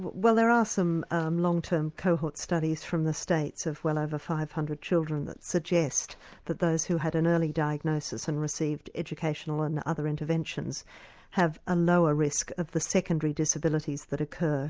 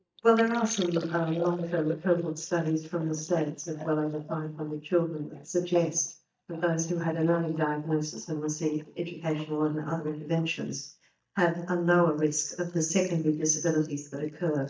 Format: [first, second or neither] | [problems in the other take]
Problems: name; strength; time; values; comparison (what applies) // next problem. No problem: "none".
first | noise reduction (neural mask model DeepFilterNet 3)